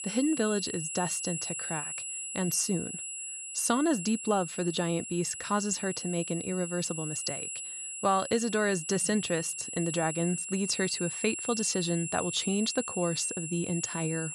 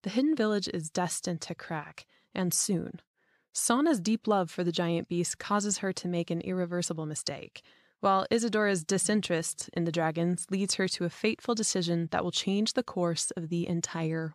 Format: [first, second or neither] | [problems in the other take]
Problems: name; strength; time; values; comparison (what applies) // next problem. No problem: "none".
second | high-pitched whine; loud; throughout; 7.5 kHz, 5 dB below the speech